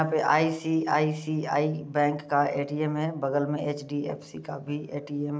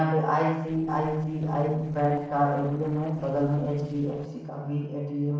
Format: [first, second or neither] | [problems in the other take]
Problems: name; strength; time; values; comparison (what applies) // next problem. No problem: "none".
first | noise reduction (neural separator model SepFormer DNS4)